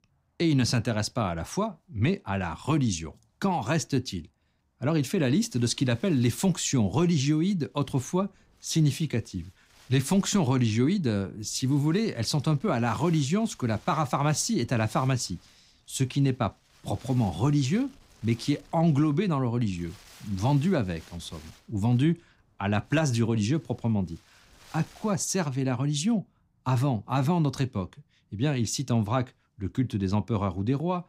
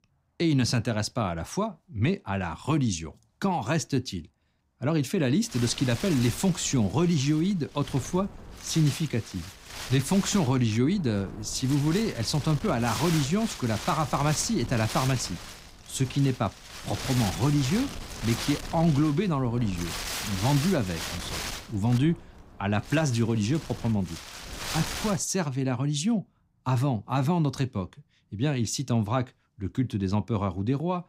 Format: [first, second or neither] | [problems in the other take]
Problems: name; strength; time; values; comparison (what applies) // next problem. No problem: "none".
first | wind noise on the microphone; heavy; from 5.5 to 25 s; 6 dB below the speech; occasional gusts in the first